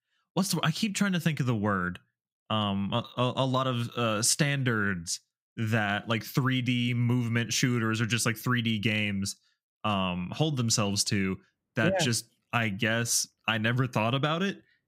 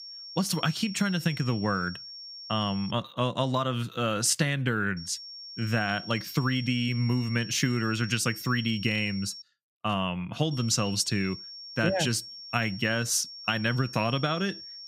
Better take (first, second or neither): first